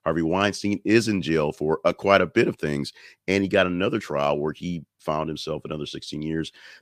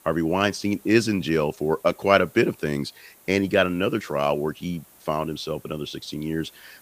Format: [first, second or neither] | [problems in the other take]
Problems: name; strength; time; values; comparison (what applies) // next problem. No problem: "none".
first | hiss; faint; throughout; 25 dB below the speech